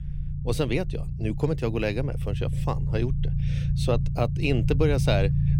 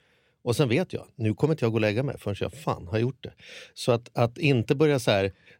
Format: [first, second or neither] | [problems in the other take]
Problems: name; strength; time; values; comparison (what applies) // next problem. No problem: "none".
second | low rumble; noticeable; throughout; 10 dB below the speech